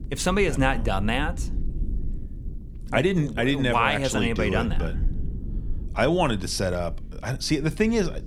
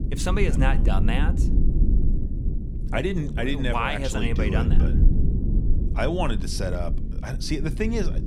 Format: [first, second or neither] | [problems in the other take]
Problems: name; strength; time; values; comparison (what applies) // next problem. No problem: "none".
first | low rumble; loud; throughout; 10 dB below the speech; faint in the first